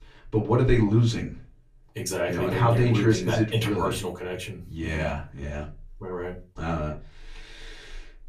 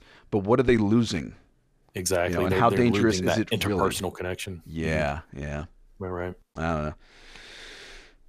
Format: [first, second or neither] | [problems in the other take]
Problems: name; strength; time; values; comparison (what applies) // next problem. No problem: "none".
second | off-mic speech; far // room echo; very slight; dies away in 0.2 s